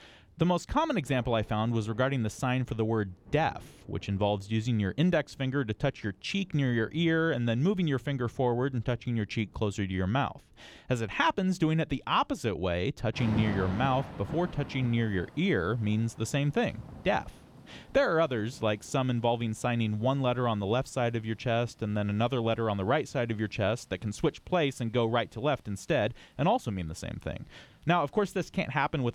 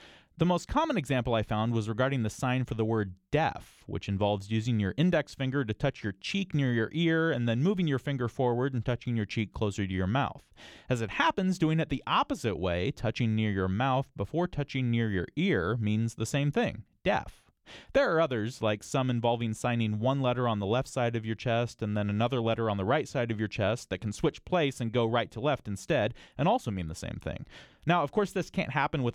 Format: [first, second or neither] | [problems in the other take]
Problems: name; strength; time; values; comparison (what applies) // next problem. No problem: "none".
second | rain or running water; noticeable; throughout; 15 dB below the speech